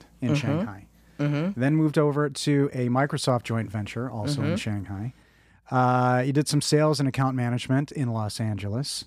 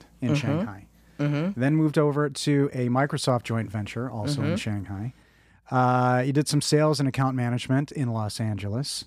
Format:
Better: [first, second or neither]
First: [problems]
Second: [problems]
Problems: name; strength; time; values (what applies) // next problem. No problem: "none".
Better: neither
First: none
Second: none